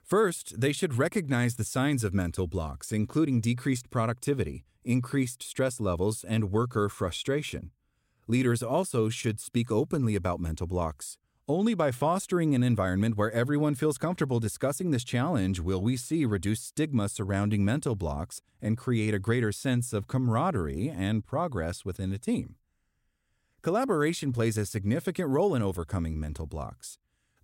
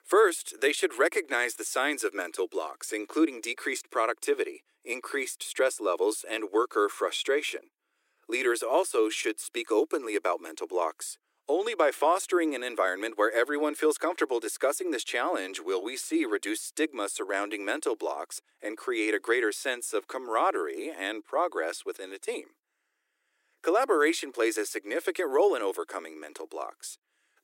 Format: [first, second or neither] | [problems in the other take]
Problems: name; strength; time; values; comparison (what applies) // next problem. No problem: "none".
first | thin; very; fading below 300 Hz